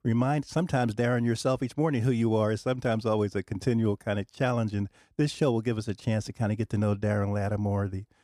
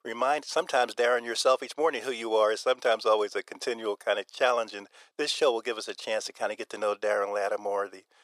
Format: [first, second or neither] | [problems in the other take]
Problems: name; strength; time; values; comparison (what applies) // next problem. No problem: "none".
first | thin; very; fading below 500 Hz